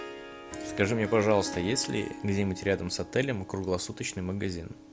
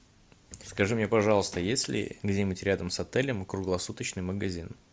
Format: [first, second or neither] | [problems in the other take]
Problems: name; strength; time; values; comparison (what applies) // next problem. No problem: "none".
second | background sound (Harp); 12 dB below the speech